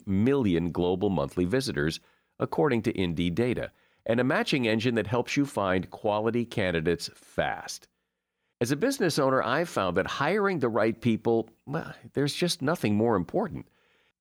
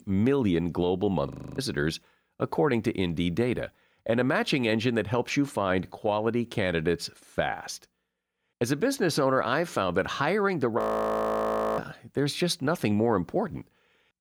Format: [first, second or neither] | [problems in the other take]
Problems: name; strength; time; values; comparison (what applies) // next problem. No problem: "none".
first | audio freezing; at 1.5 s and at 11 s for 1 s